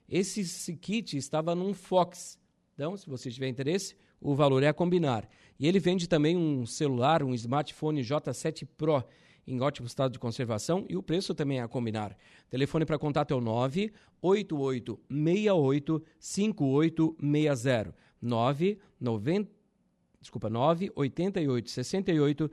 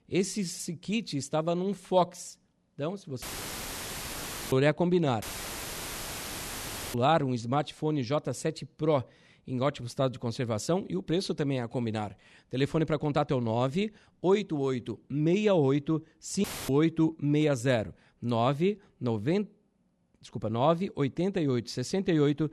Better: first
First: none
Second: audio cutting out; filled with static; at 3 s for 1.5 s, at 5 s for 1.5 s and at 16 s

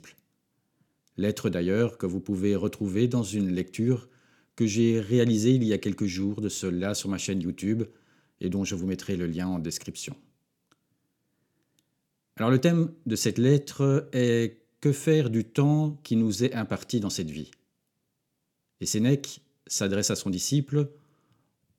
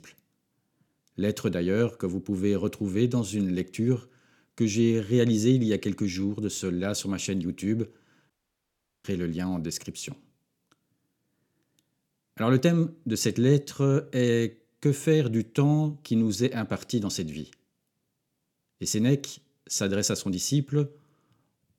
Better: first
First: none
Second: audio cutting out; at 8.5 s for 0.5 s

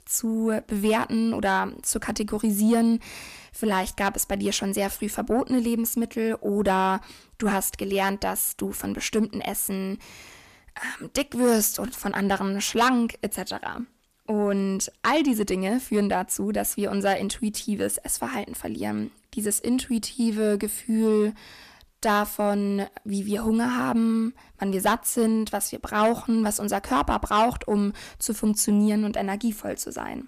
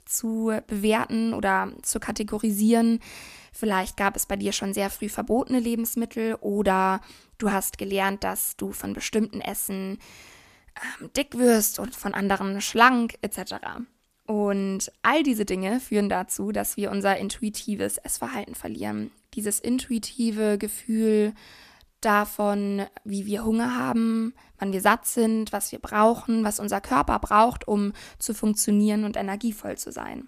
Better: second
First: distortion; slight; 10 dB below the speech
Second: none

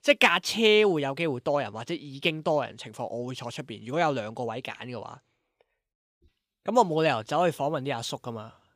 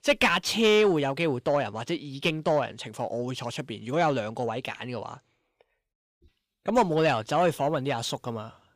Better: first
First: none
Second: distortion; slight; 10 dB below the speech

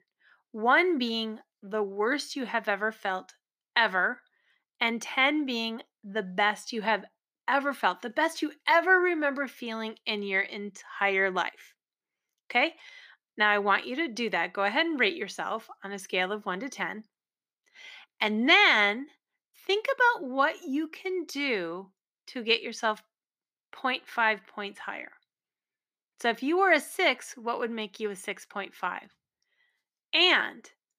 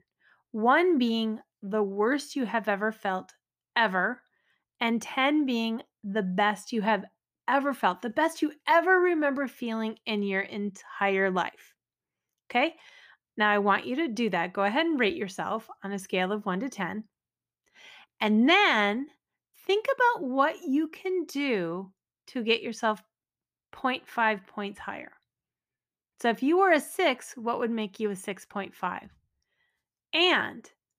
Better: second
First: thin; very slightly; fading below 250 Hz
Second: none

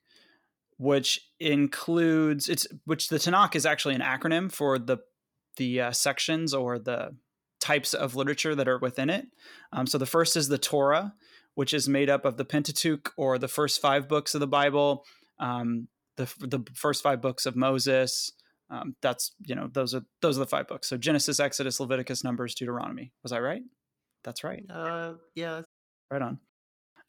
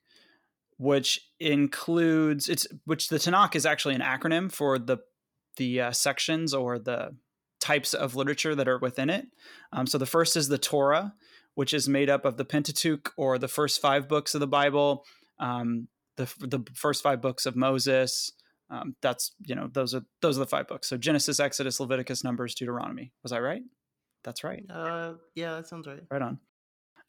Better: second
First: audio cutting out; at 26 s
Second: none

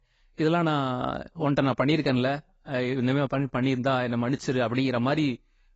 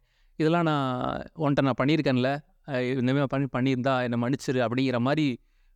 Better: second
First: garbled, watery; badly; nothing above 7.5 kHz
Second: none

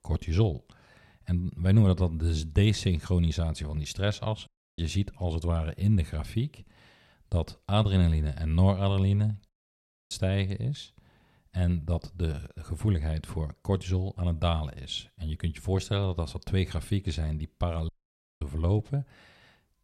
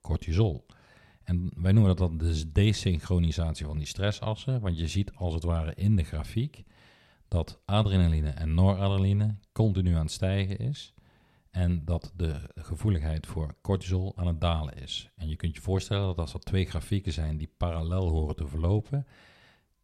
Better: second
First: audio cutting out; at 4.5 s, at 9.5 s for 0.5 s and at 18 s for 0.5 s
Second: none

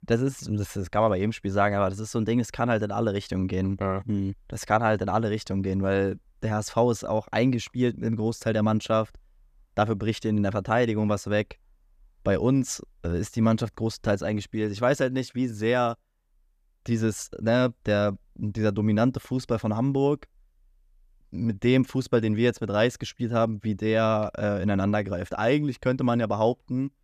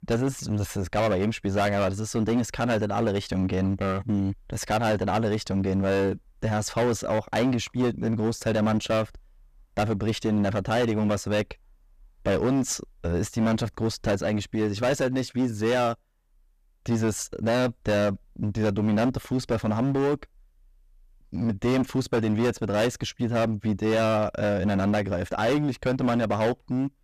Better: first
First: none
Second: distortion; heavy; 16% of the sound clipped

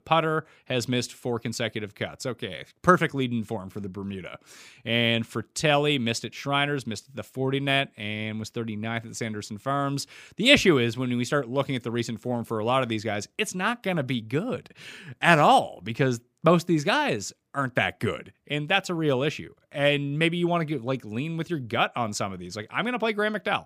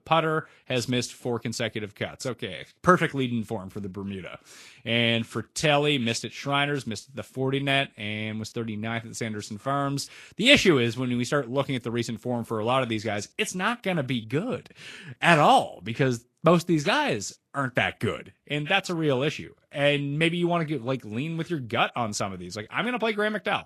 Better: first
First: none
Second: garbled, watery; slightly; nothing above 12.5 kHz

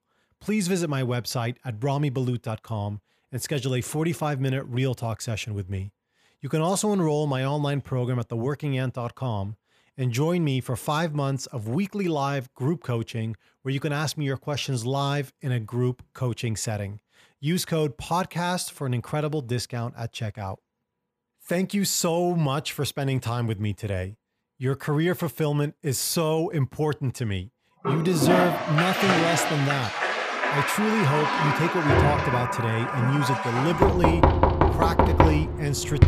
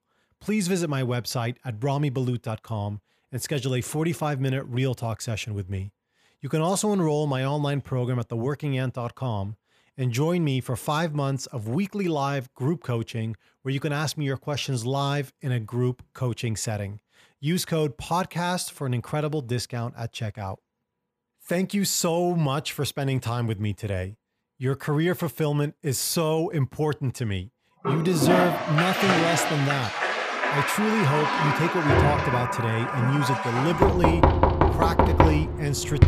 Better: neither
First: household noises; very loud; from 28 s on; 3 dB above the speech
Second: household noises; very loud; from 28 s on; 3 dB above the speech

